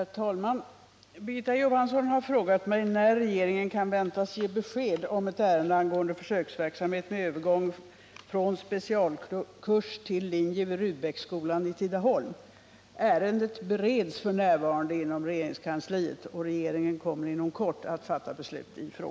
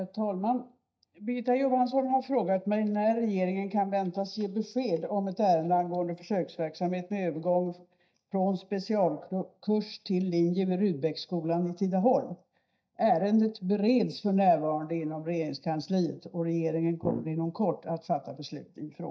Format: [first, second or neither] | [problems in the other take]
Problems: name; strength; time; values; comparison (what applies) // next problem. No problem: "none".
first | noise reduction (neural mask model DeepFilterNet 3)